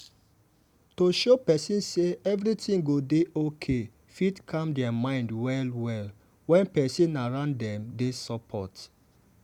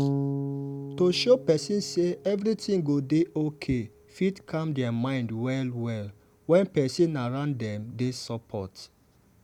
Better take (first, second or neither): first